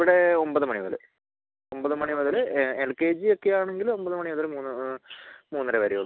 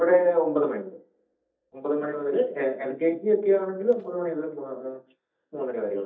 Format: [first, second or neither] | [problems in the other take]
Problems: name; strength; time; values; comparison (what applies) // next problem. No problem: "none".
first | noise reduction (neural mask model DeepFilterNet 3)